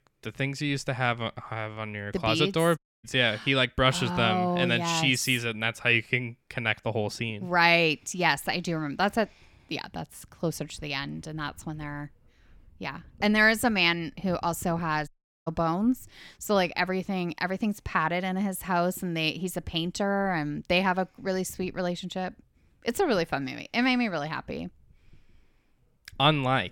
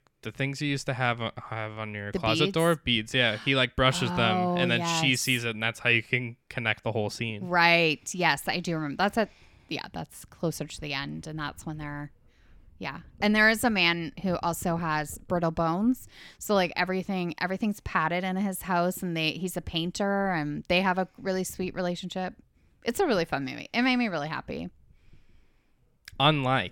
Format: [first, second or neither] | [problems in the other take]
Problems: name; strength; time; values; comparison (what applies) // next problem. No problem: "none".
second | audio cutting out; at 3 s and at 15 s